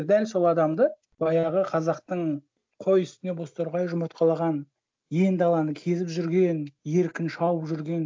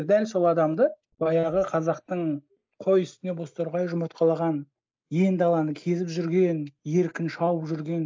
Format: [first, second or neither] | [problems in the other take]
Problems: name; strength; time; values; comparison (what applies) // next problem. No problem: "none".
first | noise reduction (neural mask model Resemble Enhance denoiser)